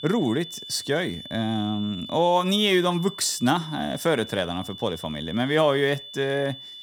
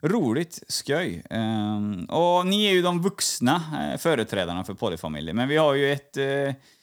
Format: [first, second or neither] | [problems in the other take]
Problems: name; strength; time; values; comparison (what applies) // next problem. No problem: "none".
second | high-pitched whine; noticeable; throughout; 3.5 kHz, 15 dB below the speech